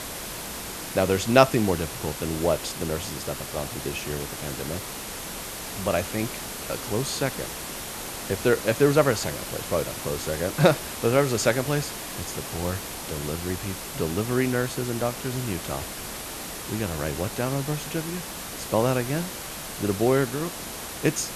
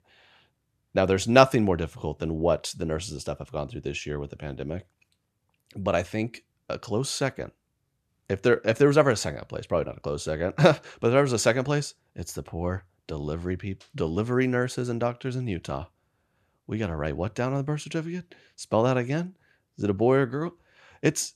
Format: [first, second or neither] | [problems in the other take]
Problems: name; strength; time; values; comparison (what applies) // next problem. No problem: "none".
second | hiss; loud; throughout; 7 dB below the speech